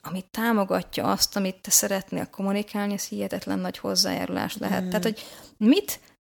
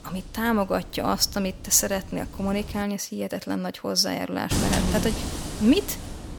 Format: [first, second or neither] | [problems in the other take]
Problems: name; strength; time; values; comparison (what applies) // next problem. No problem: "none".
first | wind noise on the microphone; heavy; until 3 s and from 4.5 s on; 6 dB below the speech